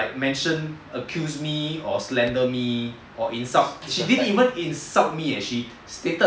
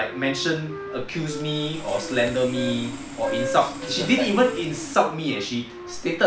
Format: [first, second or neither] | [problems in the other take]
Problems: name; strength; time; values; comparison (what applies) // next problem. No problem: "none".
first | background sound (Wind instrument, woodwind instrument + Sawing); 9 dB below the speech